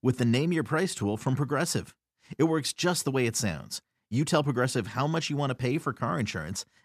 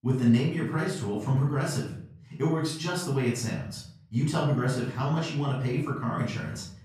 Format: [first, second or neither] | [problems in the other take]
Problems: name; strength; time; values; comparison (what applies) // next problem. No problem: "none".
first | off-mic speech; far // room echo; noticeable; dies away in 0.7 s